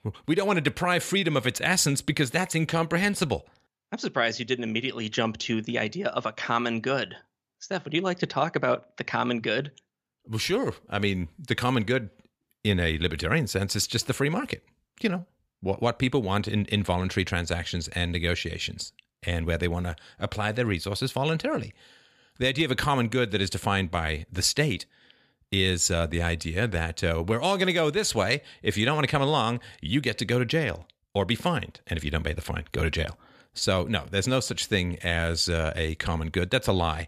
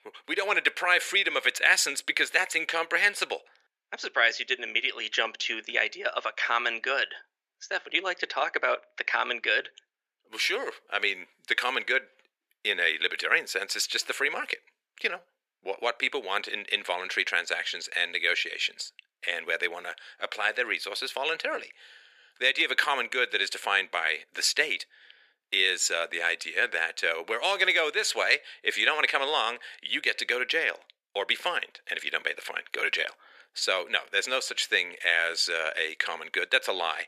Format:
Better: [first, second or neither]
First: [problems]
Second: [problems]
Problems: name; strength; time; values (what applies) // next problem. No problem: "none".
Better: first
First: none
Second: thin; very; fading below 400 Hz